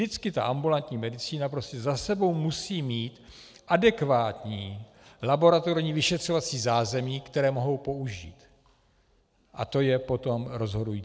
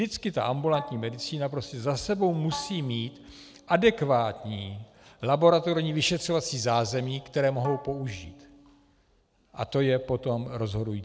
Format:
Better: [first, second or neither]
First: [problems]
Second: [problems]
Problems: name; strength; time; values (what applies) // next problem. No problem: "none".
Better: first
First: none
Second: background sound (Bowed string instrument); 17 dB below the speech